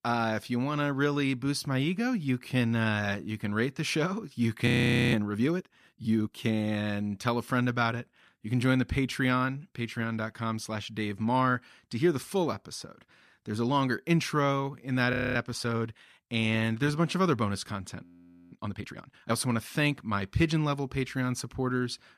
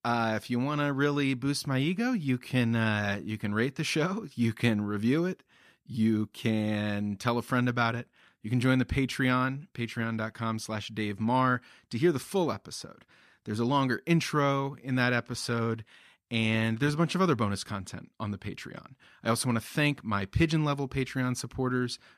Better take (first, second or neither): second